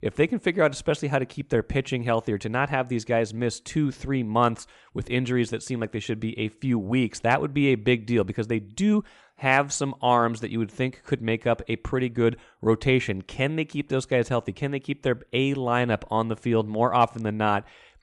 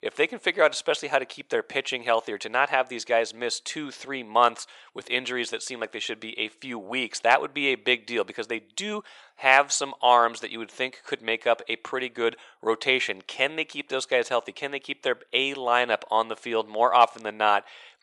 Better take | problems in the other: first | thin; very; fading below 650 Hz

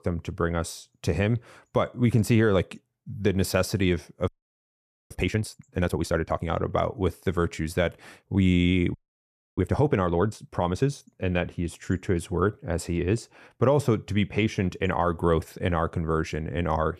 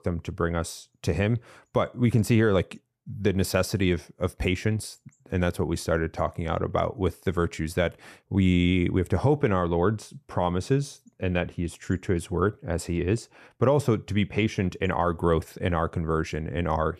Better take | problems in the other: second | audio freezing; at 4.5 s for 1 s and at 9 s for 0.5 s

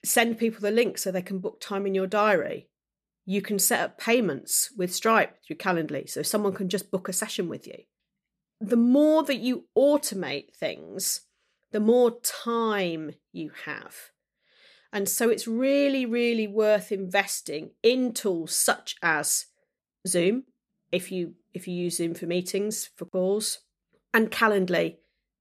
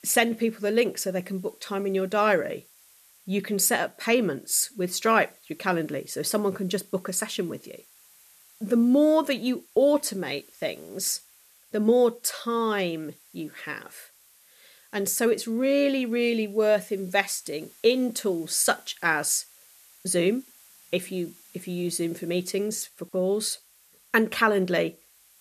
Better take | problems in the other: first | hiss; faint; throughout; 25 dB below the speech

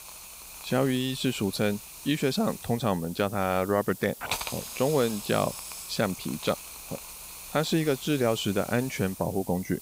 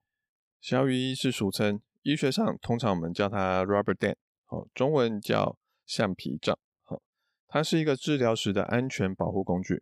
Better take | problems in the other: second | hiss; noticeable; throughout; 10 dB below the speech

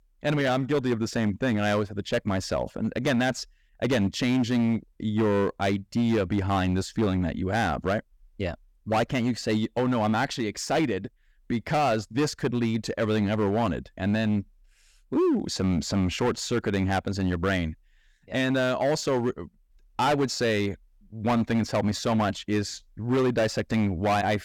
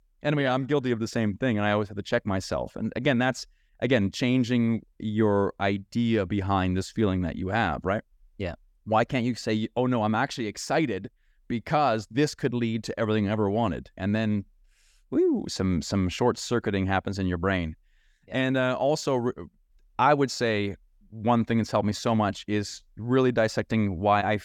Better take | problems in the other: second | distortion; slight; 9% of the sound clipped

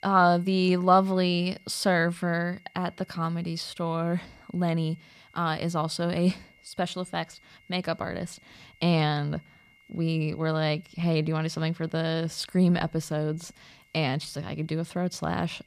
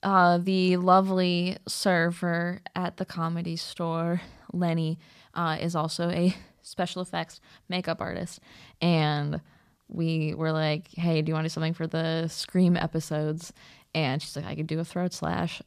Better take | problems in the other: second | high-pitched whine; faint; throughout; 2 kHz, 30 dB below the speech

